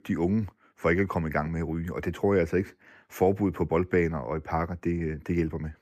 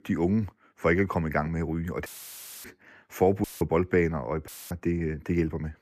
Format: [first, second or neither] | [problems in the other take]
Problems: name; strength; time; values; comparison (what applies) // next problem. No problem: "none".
first | audio cutting out; filled with static; at 2 s for 0.5 s, at 3.5 s and at 4.5 s